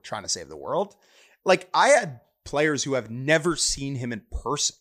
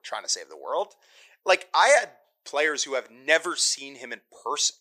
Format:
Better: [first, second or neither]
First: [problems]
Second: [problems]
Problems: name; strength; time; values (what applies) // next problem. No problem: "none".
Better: first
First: none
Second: thin; very; fading below 450 Hz